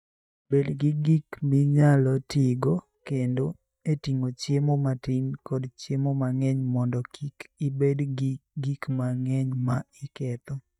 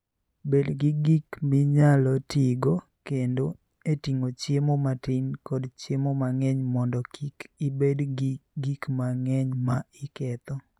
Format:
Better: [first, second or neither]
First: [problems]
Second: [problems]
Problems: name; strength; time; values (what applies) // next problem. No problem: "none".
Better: second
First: noise reduction (neural mask model DeepFilterNet 3)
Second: none